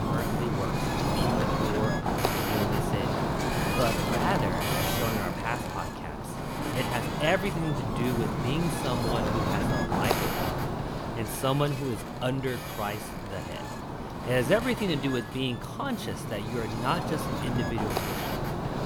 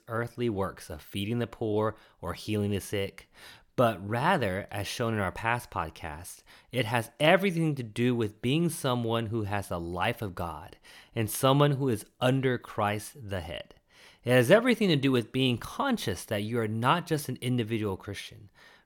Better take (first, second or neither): second